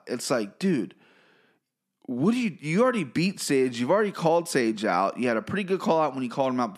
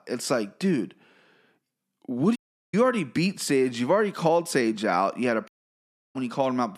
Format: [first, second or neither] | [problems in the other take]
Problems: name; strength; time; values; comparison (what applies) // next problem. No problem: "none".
first | audio cutting out; at 2.5 s and at 5.5 s for 0.5 s